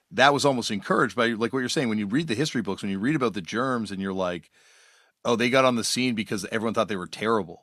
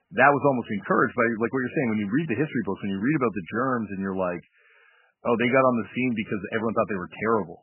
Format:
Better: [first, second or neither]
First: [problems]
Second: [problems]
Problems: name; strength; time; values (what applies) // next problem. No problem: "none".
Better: first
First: none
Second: garbled, watery; badly; nothing above 3 kHz